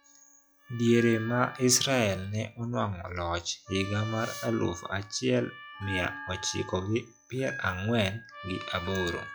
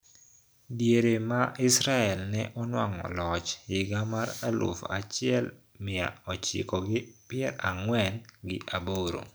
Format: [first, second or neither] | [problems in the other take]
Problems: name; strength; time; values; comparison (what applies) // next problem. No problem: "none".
second | noise reduction (classical method log-MMSE)